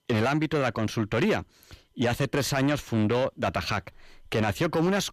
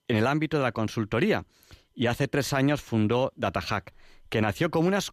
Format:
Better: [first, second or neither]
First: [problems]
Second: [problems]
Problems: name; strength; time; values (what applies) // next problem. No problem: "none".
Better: second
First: distortion; slight; 10 dB below the speech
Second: none